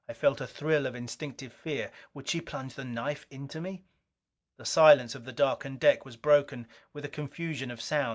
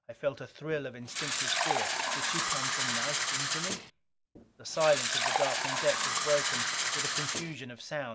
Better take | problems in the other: first | background sound (Fill (with liquid)); 3 dB above the speech

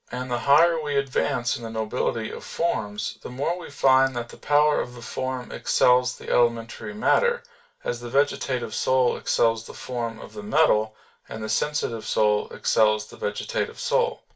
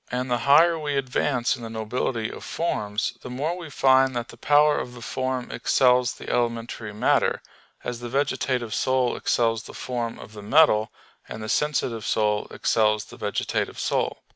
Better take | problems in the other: second | room echo; dies away in 0.2 s

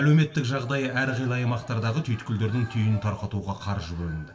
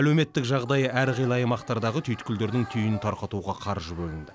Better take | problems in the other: second | room echo; dies away in 0.6 s

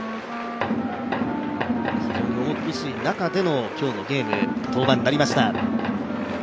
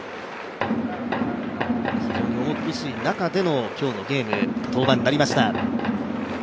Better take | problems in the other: second | background sound (Wind instrument, woodwind instrument); 11 dB below the speech

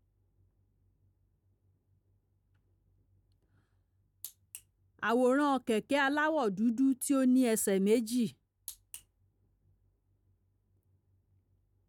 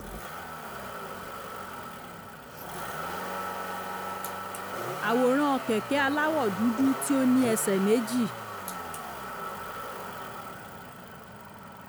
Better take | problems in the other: first | background sound (Motor vehicle (road)); 6 dB below the speech

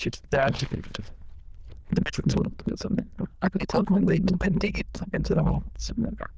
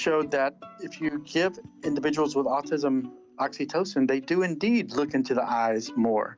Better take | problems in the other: second | noise reduction (neural diffusion model UNIVERSE++)

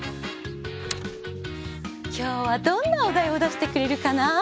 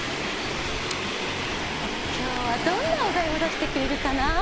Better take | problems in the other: first | background sound (Subway, metro, underground); as loud as the speech

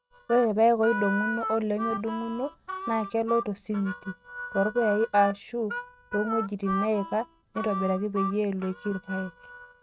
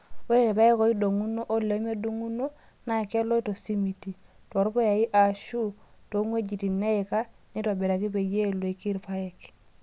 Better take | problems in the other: second | noise reduction (neural mask model RNNoise)

